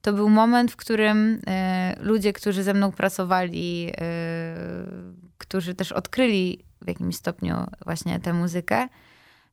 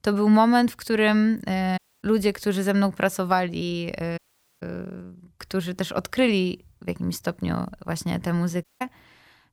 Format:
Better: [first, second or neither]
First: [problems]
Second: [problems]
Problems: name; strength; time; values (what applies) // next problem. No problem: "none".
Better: first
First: none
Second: audio cutting out; at 2 s, at 4 s and at 8.5 s